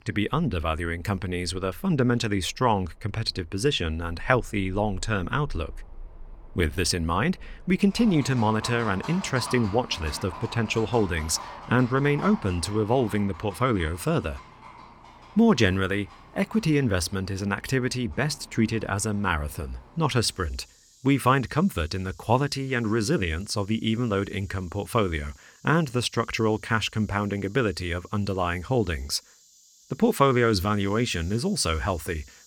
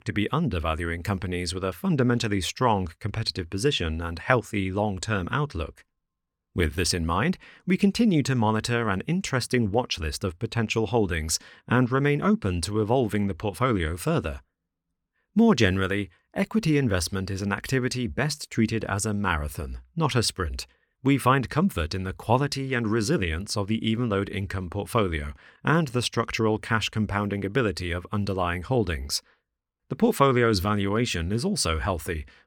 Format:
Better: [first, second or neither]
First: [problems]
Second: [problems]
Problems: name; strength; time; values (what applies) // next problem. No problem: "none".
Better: second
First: animal sounds; noticeable; throughout; 20 dB below the speech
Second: none